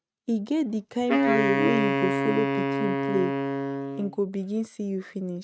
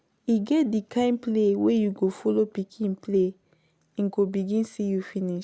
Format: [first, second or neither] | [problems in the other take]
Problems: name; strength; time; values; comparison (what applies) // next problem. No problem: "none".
second | noise reduction (neural mask model RNNoise)